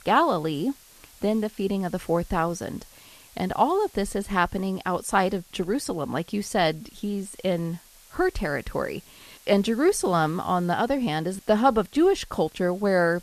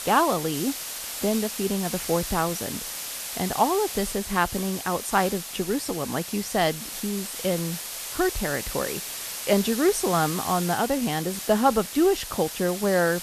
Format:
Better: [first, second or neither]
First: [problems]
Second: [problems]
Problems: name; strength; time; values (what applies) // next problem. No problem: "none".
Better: first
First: hiss; faint; throughout; 25 dB below the speech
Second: hiss; loud; throughout; 6 dB below the speech